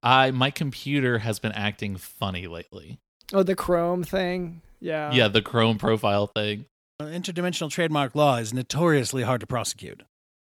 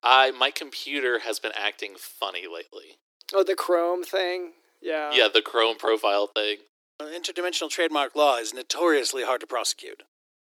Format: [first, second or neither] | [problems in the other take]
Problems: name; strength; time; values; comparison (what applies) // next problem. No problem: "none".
first | thin; very; fading below 300 Hz